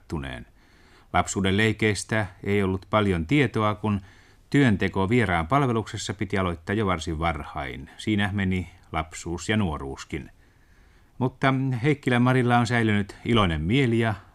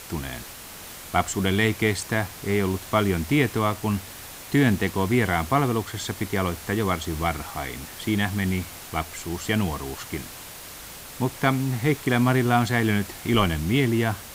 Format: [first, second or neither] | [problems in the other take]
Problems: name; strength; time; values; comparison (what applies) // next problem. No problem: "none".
first | hiss; noticeable; throughout; 15 dB below the speech